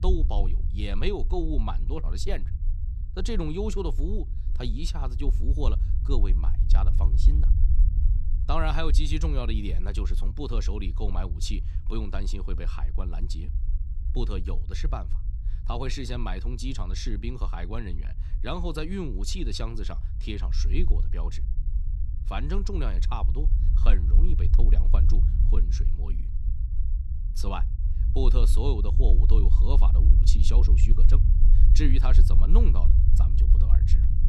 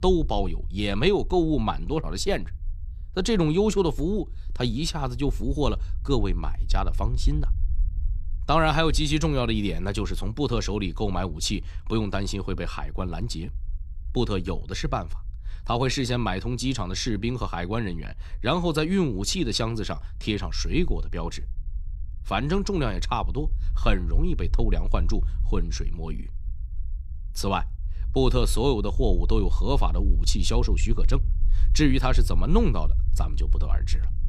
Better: second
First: low rumble; loud; throughout; 10 dB below the speech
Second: low rumble; faint; throughout; 25 dB below the speech

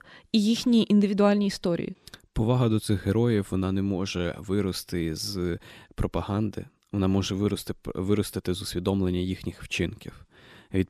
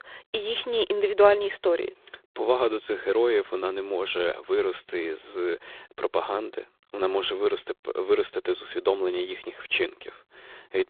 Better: first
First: none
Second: phone-call audio; poor line; nothing above 3.5 kHz

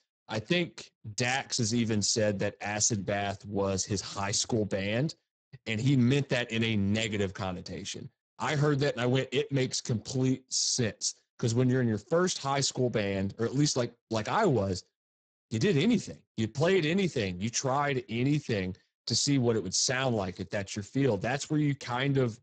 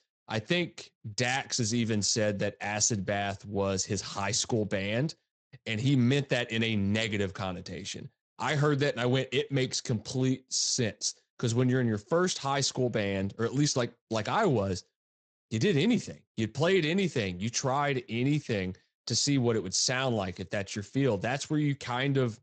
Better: second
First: garbled, watery; badly; nothing above 7.5 kHz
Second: garbled, watery; slightly; nothing above 7.5 kHz

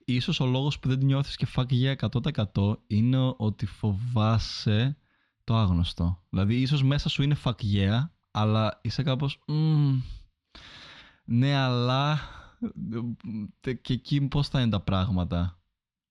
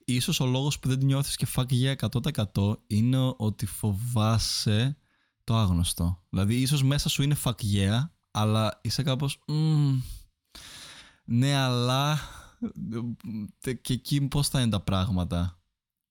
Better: second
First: muffled; very slightly; fading above 4 kHz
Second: none

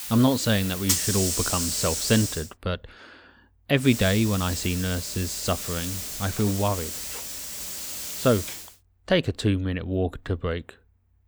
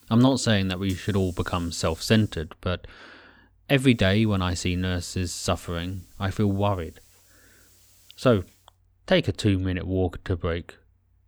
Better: second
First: hiss; loud; until 2.5 s and from 4 to 8.5 s; 3 dB below the speech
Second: hiss; faint; until 2.5 s and from 4 to 8.5 s; 25 dB below the speech

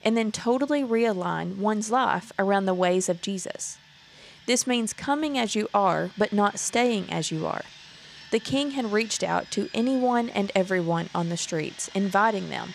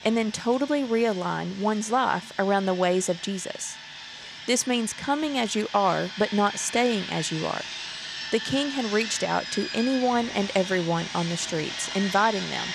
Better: first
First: machinery noise; faint; throughout; 20 dB below the speech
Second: machinery noise; loud; throughout; 9 dB below the speech

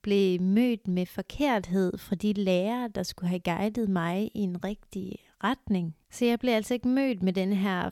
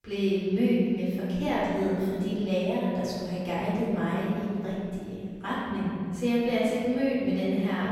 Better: first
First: none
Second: off-mic speech; far // room echo; strong; dies away in 2.2 s

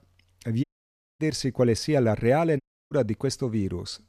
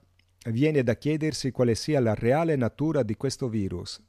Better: second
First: audio cutting out; at 0.5 s for 0.5 s and at 2.5 s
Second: none

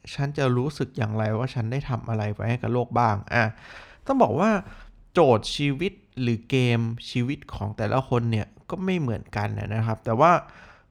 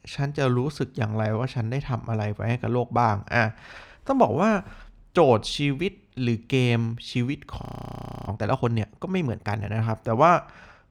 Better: first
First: none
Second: audio freezing; at 7.5 s for 0.5 s

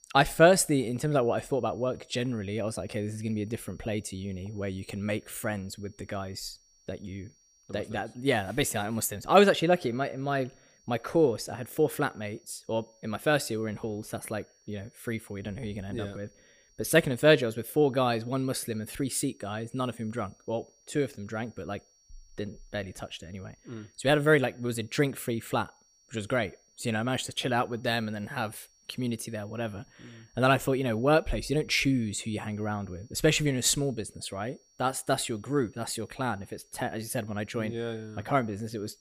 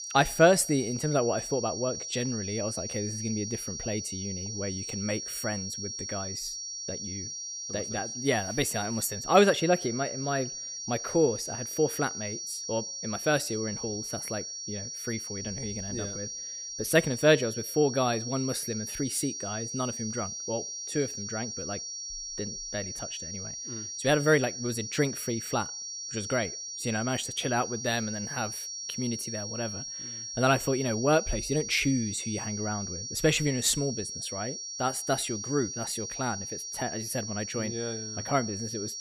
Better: first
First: high-pitched whine; faint; throughout; 5.5 kHz, 30 dB below the speech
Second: high-pitched whine; loud; throughout; 5.5 kHz, 5 dB below the speech

